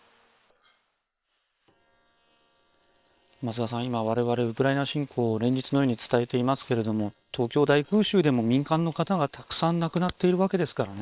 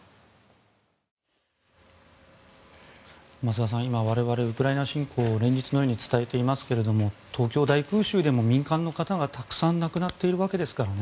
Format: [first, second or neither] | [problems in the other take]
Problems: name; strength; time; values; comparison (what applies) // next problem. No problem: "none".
second | noise reduction (neural separator model SepFormer WHAM!)